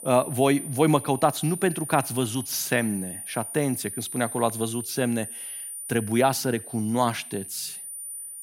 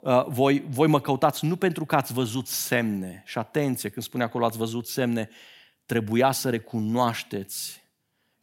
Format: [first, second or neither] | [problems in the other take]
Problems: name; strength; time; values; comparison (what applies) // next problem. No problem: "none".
second | high-pitched whine; loud; throughout; 9.5 kHz, 9 dB below the speech